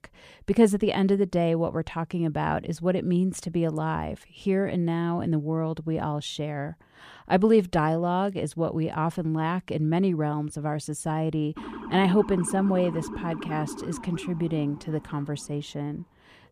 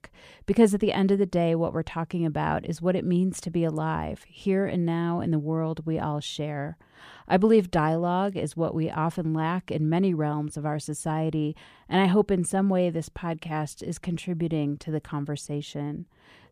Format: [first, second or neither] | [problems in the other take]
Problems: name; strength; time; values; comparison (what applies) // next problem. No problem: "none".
second | siren; noticeable; from 12 to 16 s; peak 10 dB below the speech